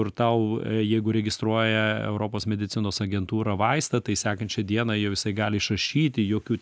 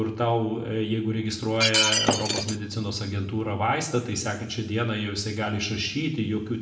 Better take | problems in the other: first | background sound (Shatter); 2 dB above the speech // room echo; dies away in 0.7 s

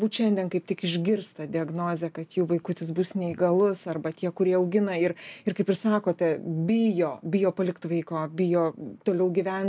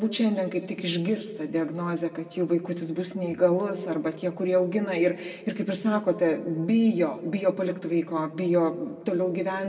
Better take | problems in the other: first | room echo; dies away in 1.1 s

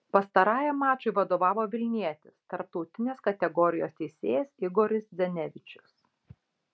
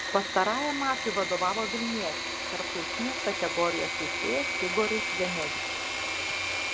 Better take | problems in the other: first | background sound (Engine / Mechanisms); as loud as the speech

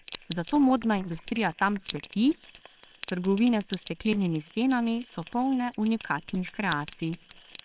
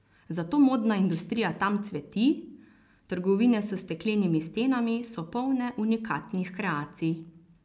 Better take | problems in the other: second | noise reduction (neural separator model SepFormer WHAMR!)

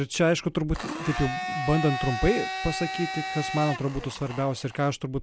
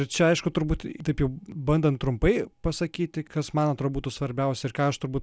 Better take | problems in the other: second | background sound (Domestic sounds, home sounds); 7 dB below the speech

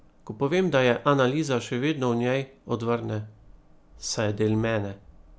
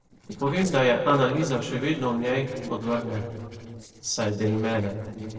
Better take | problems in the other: first | noise reduction (neural separator model SepFormer DNS4)

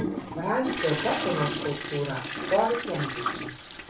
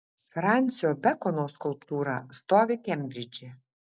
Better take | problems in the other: second | background sound (Toilet flush); 3 dB below the speech // room echo; dies away in 0.3 s

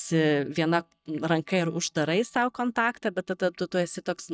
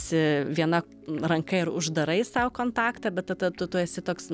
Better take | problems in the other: second | noise reduction (neural mask model DeepFilterNet 3)

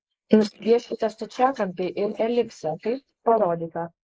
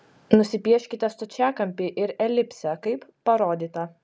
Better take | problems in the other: second | noise reduction (neural mask model Resemble Enhance denoiser)

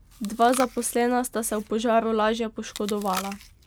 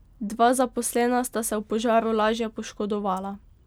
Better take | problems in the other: second | background sound (Chewing, mastication); 16 dB below the speech

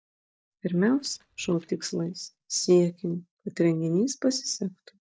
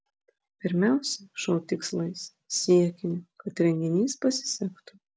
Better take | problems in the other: second | noise reduction (neural mask model DeepFilterNet 3)

